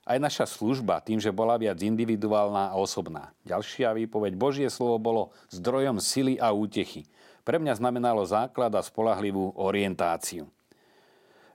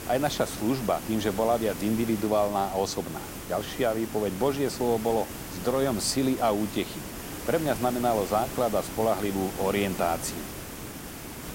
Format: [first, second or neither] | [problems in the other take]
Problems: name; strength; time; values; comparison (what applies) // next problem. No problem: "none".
first | hiss; loud; throughout; 9 dB below the speech